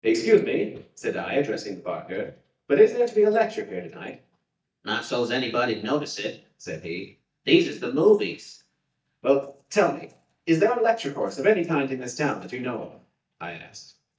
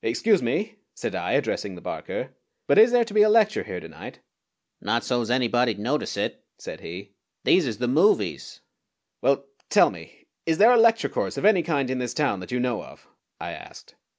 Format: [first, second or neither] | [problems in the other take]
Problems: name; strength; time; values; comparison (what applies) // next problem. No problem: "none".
second | noise reduction (neural mask model DeepFilterNet 3)